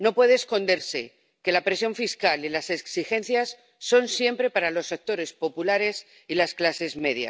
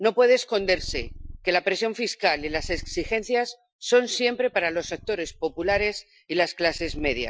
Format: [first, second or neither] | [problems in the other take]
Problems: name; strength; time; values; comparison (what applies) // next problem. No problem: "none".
first | noise reduction (classical method Wiener filter)